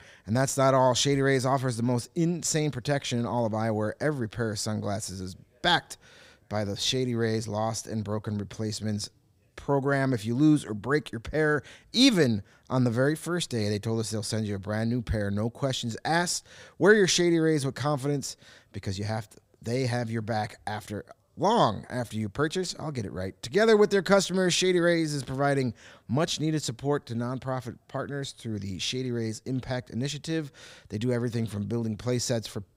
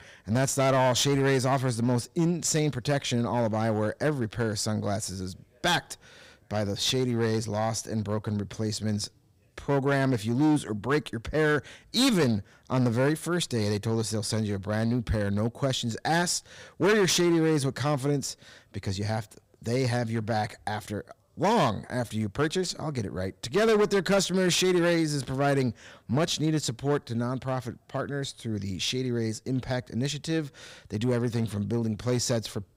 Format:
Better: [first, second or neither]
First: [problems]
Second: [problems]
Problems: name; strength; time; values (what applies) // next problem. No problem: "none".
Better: first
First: none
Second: distortion; slight; 6% of the sound clipped